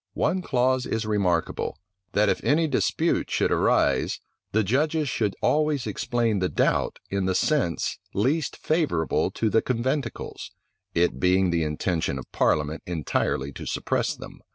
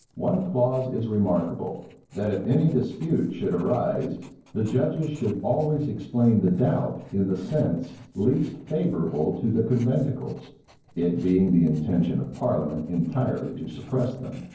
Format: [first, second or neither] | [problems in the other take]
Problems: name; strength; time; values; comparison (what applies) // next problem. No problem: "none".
first | noise reduction (neural separator model SepFormer DNS4)